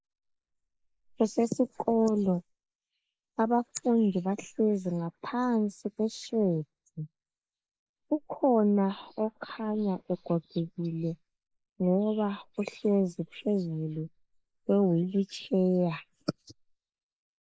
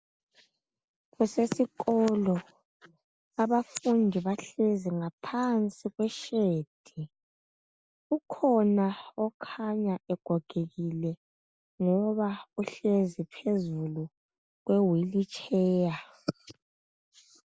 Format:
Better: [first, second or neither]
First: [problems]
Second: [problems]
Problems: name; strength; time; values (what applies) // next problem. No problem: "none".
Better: second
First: noise reduction (neural mask model Resemble Enhance denoiser)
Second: none